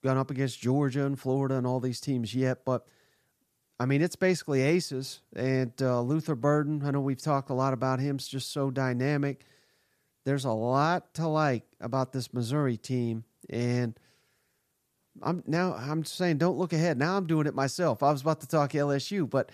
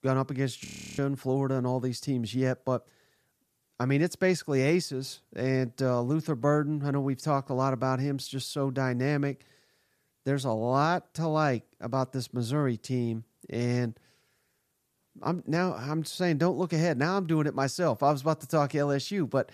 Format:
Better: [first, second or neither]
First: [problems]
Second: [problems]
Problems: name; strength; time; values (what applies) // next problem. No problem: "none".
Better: first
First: none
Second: audio freezing; at 0.5 s